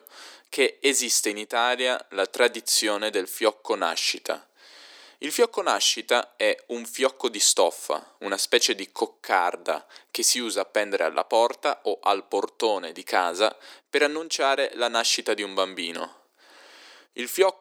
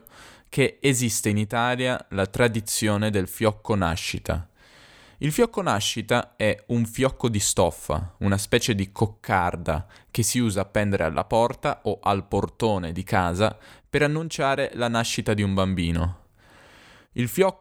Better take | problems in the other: second | thin; very; fading below 300 Hz

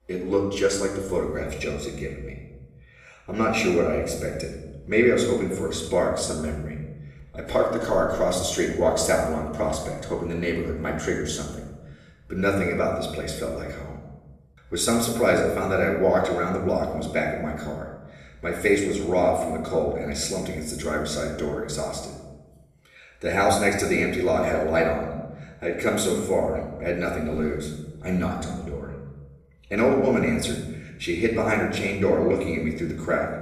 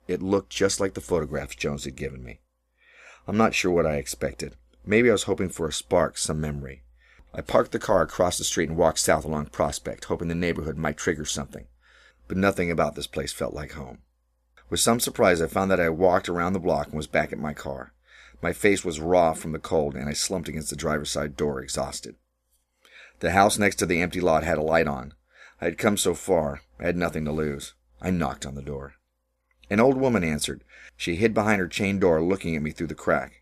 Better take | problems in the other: second | off-mic speech; far // room echo; noticeable; dies away in 1.1 s

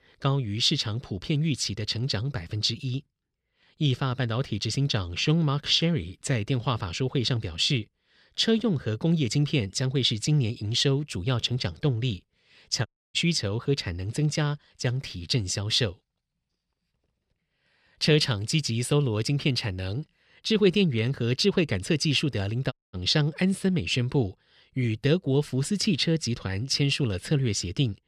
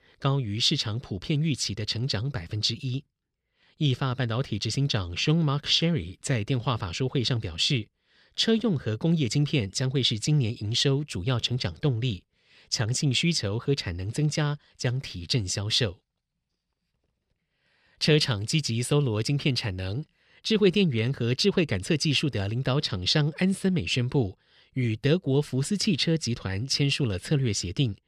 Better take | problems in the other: second | audio cutting out; at 13 s and at 23 s

